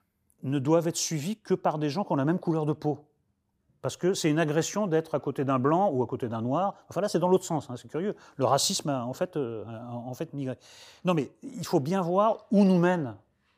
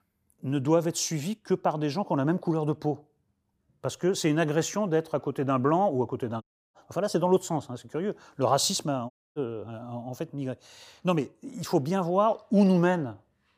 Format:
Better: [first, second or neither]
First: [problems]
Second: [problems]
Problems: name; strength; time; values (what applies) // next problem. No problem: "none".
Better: first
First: none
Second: audio cutting out; at 6.5 s and at 9 s